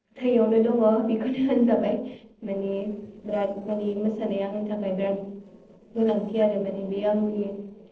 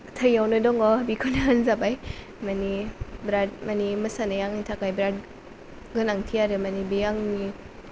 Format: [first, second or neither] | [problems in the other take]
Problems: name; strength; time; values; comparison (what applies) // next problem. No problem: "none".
second | noise reduction (neural separator model SepFormer DNS4)